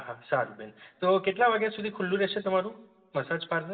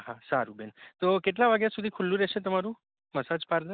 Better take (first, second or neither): second